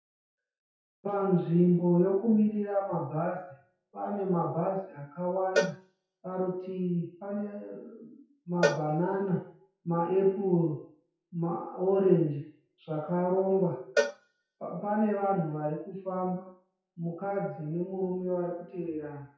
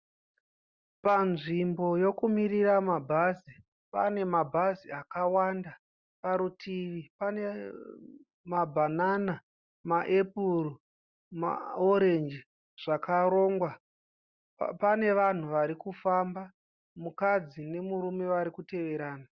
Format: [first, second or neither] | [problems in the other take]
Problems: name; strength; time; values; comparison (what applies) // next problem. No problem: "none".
second | noise reduction (classical method WPE with log-MMSE)